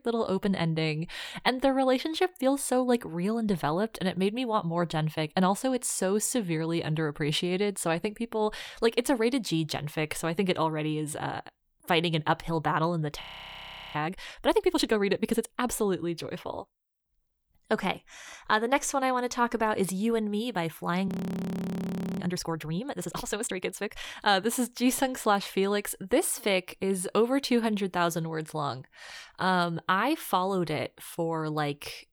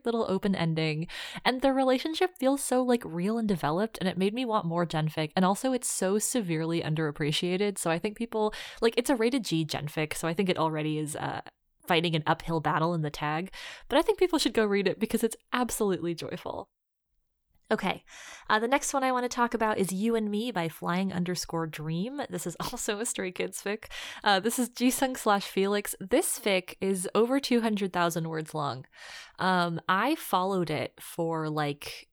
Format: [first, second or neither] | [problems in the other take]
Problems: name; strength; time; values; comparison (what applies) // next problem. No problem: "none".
second | audio freezing; at 13 s for 0.5 s and at 21 s for 1 s